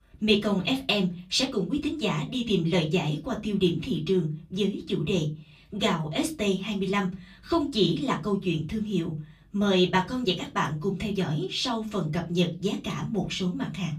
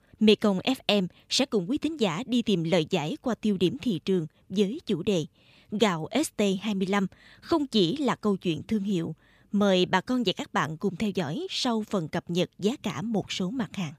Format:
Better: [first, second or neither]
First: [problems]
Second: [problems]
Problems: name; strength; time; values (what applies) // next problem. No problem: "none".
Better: second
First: off-mic speech; far // room echo; very slight; dies away in 0.3 s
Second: none